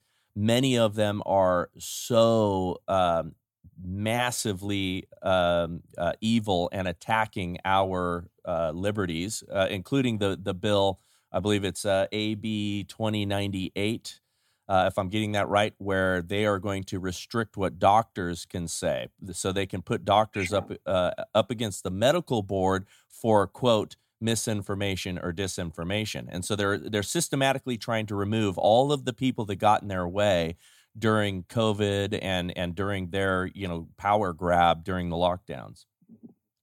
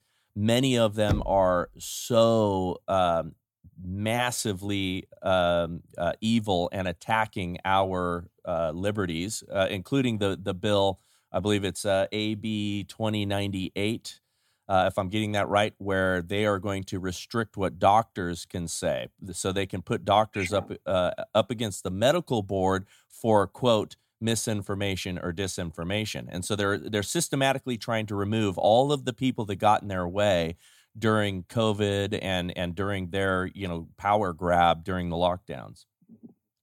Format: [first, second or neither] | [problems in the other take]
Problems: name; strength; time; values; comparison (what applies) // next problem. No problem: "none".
first | door banging; noticeable; at 1 s; peak 4 dB below the speech